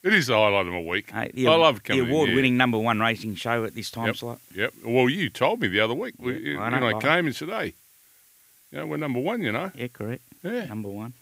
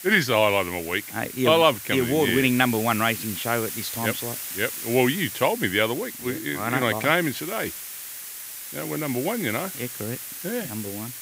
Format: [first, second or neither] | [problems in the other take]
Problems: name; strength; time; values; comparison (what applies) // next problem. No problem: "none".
first | hiss; loud; throughout; 9 dB below the speech; faint in the first